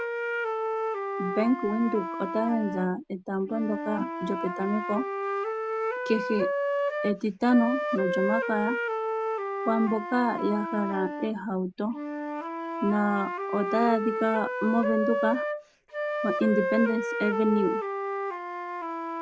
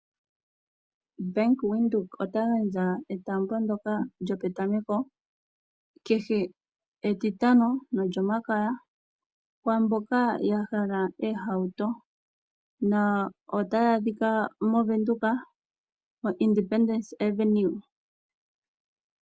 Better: second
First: background sound (Wind instrument, woodwind instrument); 2 dB below the speech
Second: none

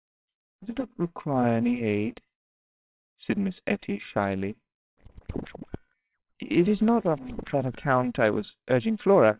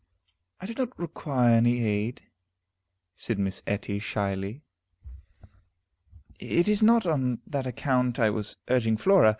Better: second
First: noise reduction (neural separator model SepFormer WHAMR!)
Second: none

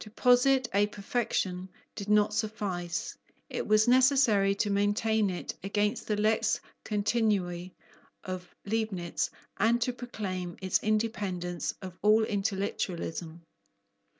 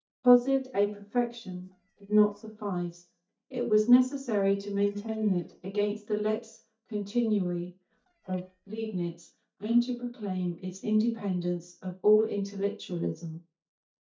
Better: first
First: none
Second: noise reduction (neural mask model DeepFilterNet 3)

